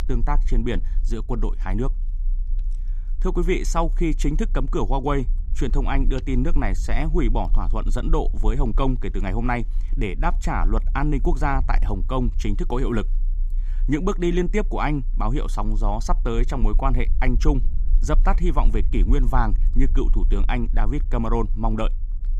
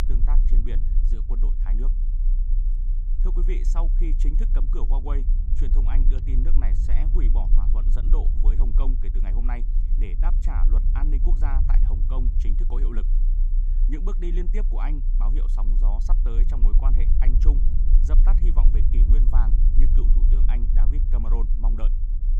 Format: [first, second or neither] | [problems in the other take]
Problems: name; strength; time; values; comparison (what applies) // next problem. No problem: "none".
first | low rumble; loud; throughout; 6 dB below the speech; faint in the first